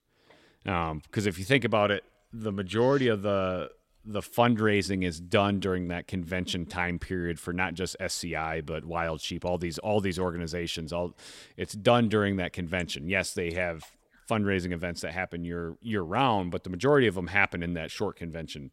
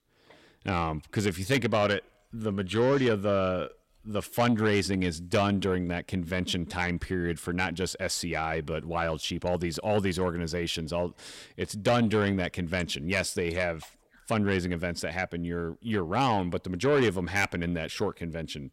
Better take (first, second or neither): first